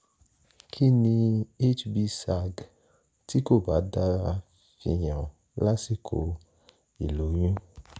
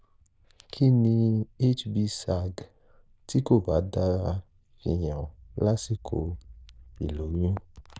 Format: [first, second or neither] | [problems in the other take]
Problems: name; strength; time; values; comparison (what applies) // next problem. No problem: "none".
first | noise reduction (neural diffusion model UNIVERSE++)